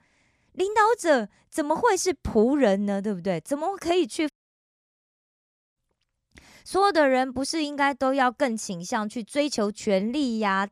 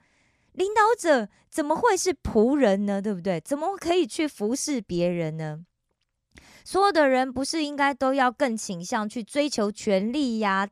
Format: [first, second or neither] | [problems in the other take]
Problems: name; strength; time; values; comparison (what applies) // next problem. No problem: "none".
second | audio cutting out; at 4.5 s for 1.5 s